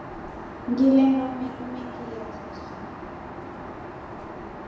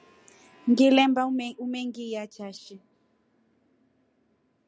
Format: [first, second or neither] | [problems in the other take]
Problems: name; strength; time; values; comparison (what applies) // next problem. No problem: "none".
second | background sound (Aircraft); 10 dB below the speech // room echo; dies away in 1 s